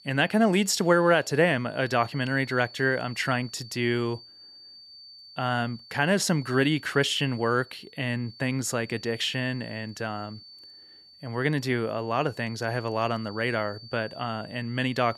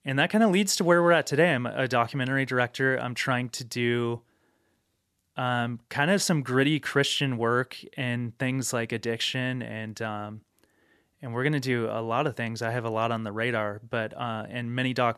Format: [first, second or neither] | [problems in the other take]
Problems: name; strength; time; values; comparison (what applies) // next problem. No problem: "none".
second | high-pitched whine; noticeable; throughout; 4.5 kHz, 20 dB below the speech